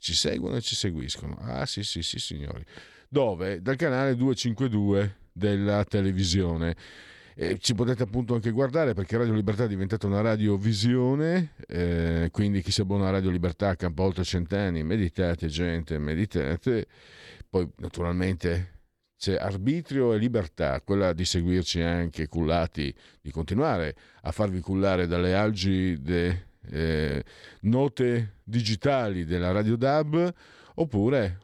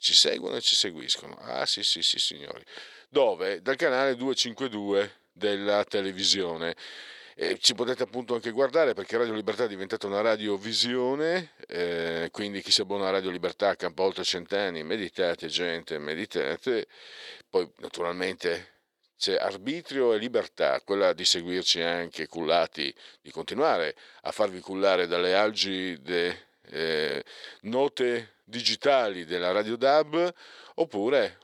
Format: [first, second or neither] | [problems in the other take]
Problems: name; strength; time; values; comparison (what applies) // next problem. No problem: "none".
first | thin; somewhat; fading below 500 Hz